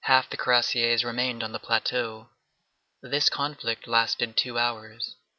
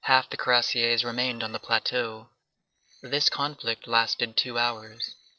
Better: first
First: none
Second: noise reduction (neural separator model SepFormer DNS4)

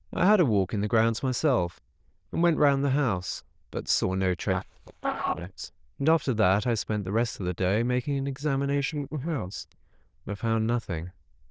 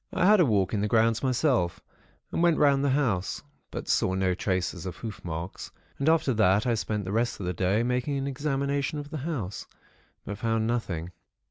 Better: second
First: noise reduction (neural diffusion model UNIVERSE++)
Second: none

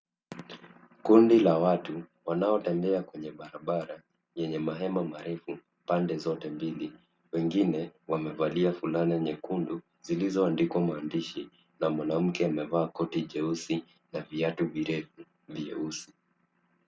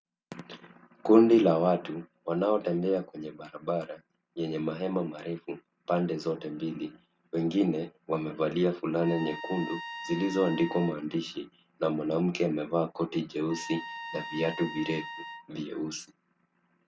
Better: first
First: none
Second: background sound (Trumpet); 12 dB below the speech

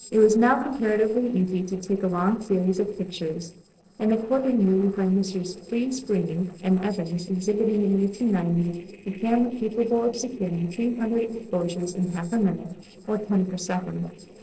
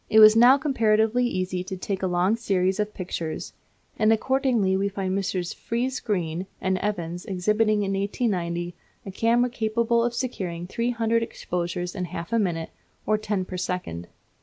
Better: second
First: noise reduction (neural separator model SepFormer DNS4)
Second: none

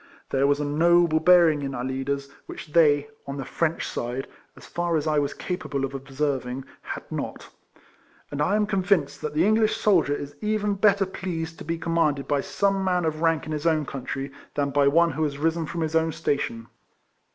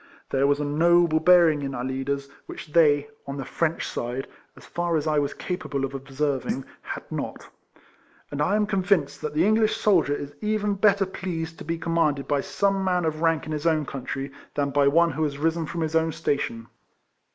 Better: first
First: none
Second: noise reduction (neural mask model Resemble Enhance denoiser)

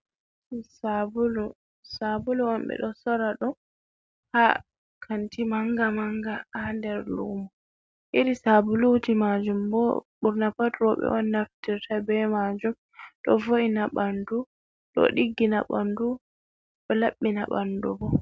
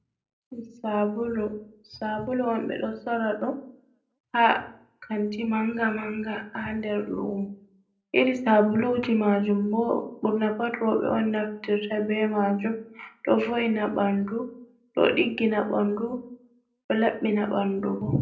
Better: first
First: none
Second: room echo; dies away in 0.5 s

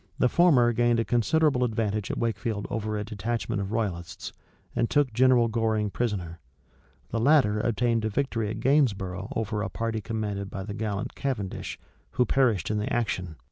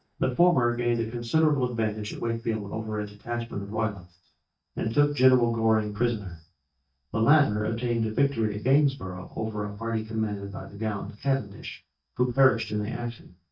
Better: first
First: none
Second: noise reduction (neural mask model DeepFilterNet 3)

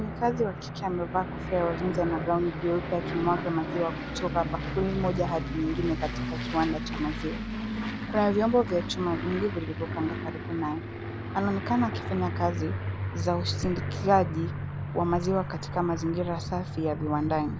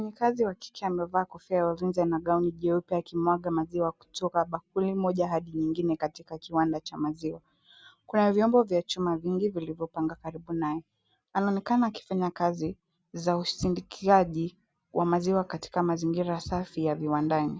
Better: second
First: background sound (Aircraft); 4 dB below the speech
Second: none

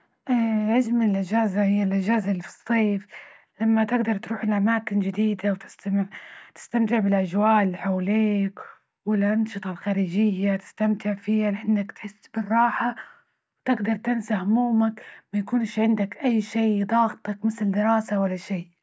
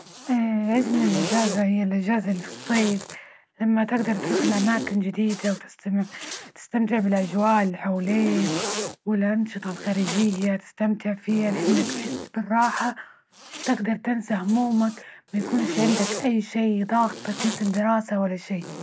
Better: first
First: none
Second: background sound (Zipper (clothing)); 9 dB below the speech

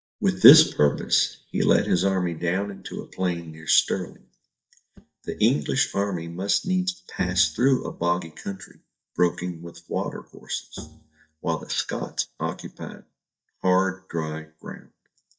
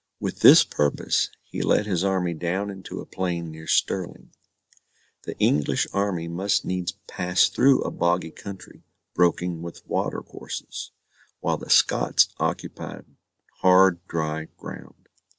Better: second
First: noise reduction (neural mask model DeepFilterNet 3)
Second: none

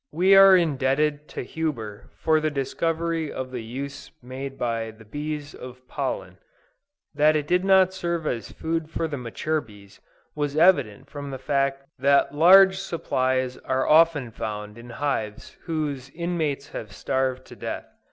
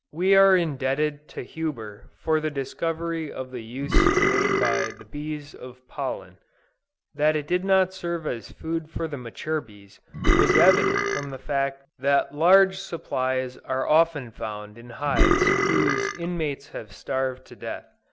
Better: first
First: none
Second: background sound (Burping, eructation); 4 dB above the speech

